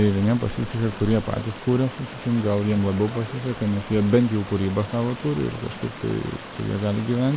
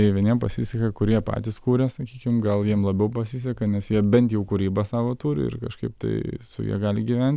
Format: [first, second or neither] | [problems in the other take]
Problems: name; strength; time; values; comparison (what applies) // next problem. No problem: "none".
second | background sound (Stream); 14 dB below the speech